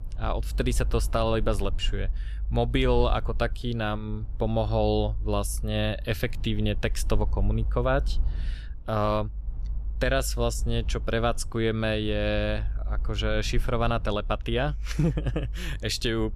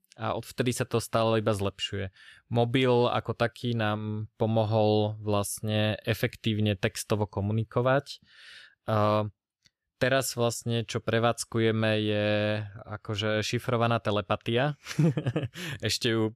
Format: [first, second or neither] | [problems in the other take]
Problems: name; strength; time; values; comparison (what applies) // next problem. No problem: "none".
second | low rumble; faint; throughout; 25 dB below the speech